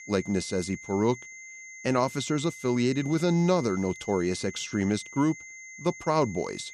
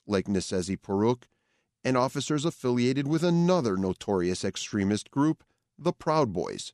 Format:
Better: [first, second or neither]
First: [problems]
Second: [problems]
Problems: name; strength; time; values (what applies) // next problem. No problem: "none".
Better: second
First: high-pitched whine; noticeable; throughout; 2 kHz, 15 dB below the speech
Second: none